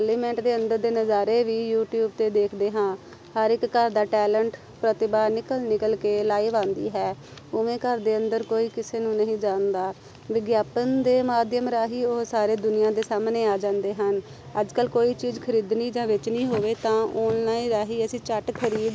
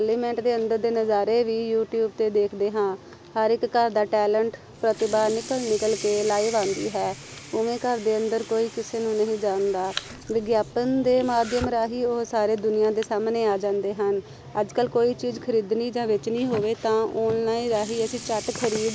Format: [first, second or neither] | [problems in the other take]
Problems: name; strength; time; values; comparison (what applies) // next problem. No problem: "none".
first | background sound (Sink (filling or washing) / Water tap, faucet + Domestic sounds, home sounds); 18 dB below the speech